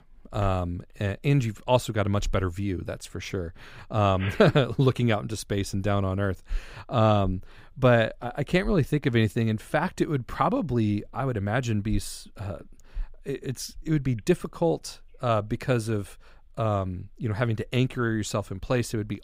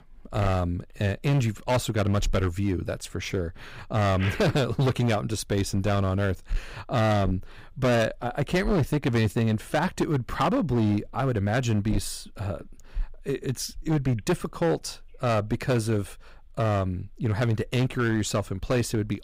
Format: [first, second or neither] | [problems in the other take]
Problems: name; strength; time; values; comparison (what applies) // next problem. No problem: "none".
first | distortion; heavy; 11% of the sound clipped